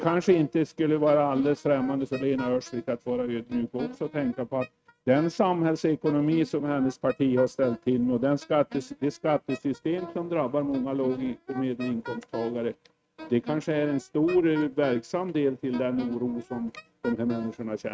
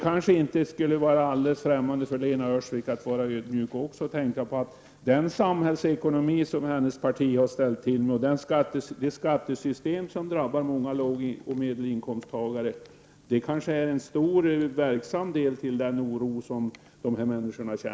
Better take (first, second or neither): second